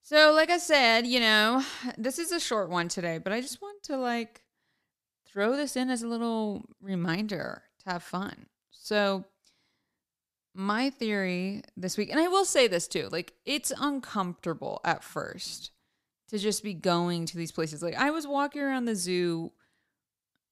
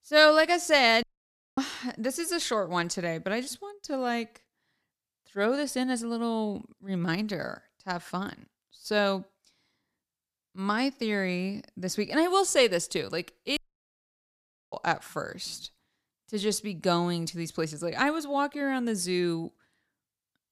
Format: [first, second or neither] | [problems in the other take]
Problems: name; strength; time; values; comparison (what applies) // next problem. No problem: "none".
first | audio cutting out; at 1 s for 0.5 s and at 14 s for 1 s